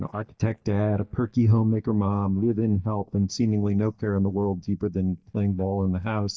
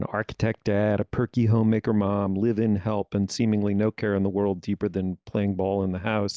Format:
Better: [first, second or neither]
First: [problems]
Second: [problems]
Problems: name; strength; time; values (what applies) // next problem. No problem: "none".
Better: second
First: noise reduction (neural mask model DeepFilterNet 3)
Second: none